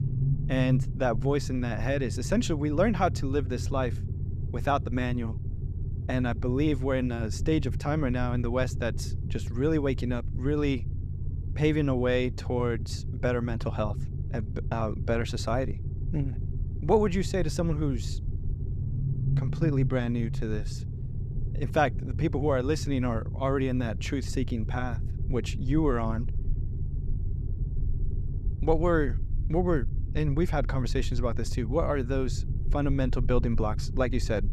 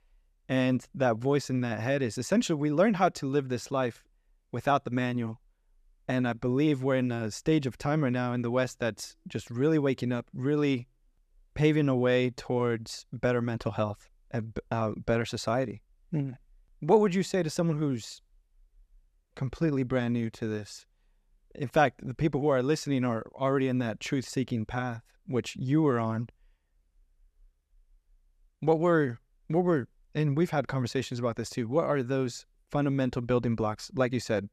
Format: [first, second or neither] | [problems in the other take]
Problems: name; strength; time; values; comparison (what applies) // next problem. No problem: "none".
second | low rumble; noticeable; throughout; 15 dB below the speech